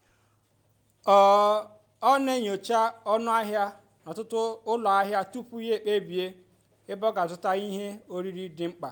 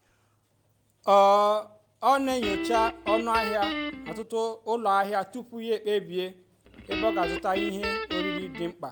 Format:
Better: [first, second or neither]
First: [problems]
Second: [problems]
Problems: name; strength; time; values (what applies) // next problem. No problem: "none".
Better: first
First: none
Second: background sound (Guitar); 5 dB below the speech